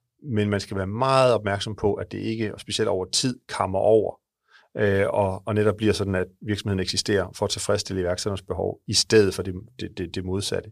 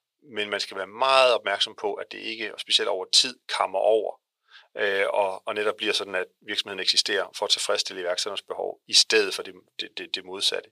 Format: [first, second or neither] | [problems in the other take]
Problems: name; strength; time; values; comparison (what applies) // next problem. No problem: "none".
first | thin; very; fading below 600 Hz